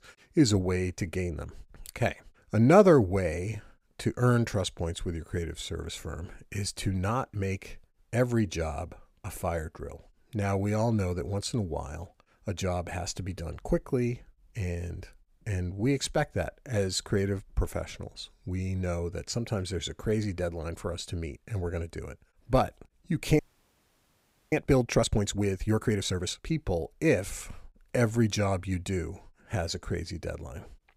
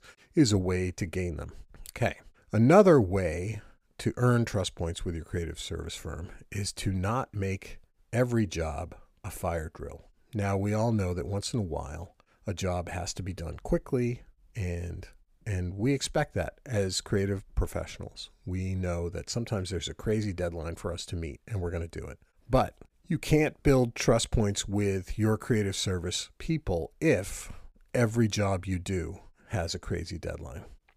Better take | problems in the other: second | audio freezing; at 23 s for 1 s

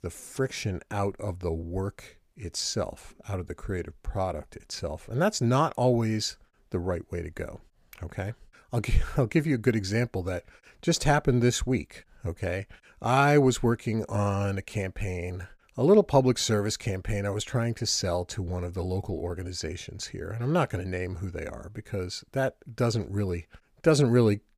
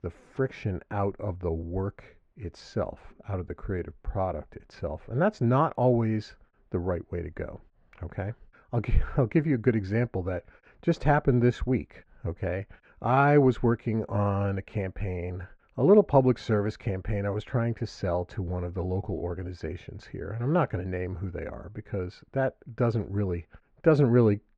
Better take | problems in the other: first | muffled; very; fading above 2 kHz

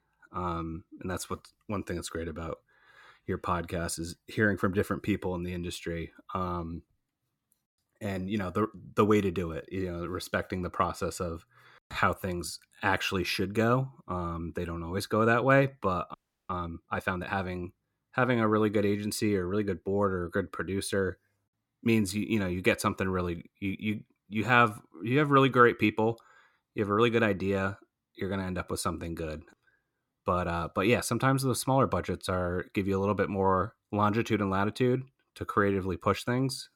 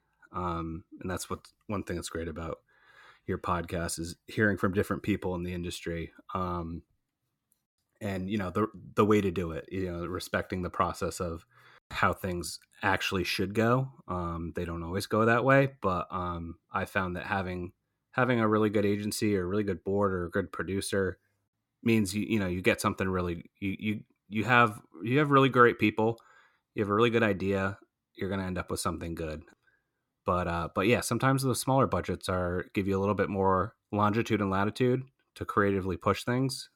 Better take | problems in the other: second | audio freezing; at 16 s

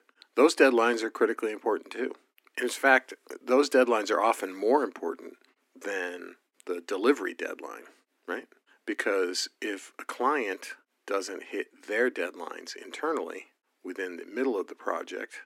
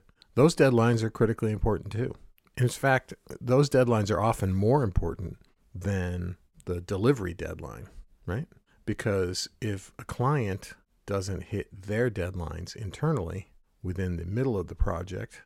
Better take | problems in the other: second | thin; somewhat; fading below 250 Hz

